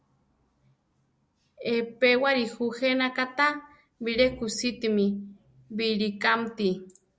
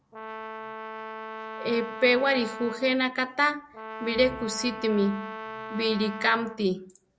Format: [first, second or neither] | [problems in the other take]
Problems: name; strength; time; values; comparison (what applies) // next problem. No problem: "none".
first | background sound (Brass instrument); 11 dB below the speech